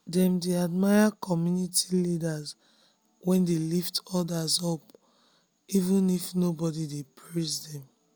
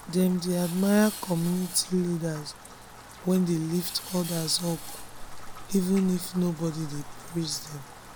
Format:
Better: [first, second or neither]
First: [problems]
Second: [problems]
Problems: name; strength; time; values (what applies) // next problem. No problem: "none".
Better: first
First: none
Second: background sound (Rain + Tools); 13 dB below the speech